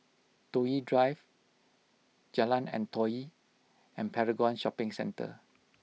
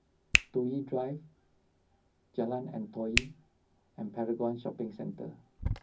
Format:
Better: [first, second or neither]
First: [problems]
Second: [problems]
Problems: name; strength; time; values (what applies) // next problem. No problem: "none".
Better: first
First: none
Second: background sound (Hands); 1 dB below the speech // room echo; dies away in 0.4 s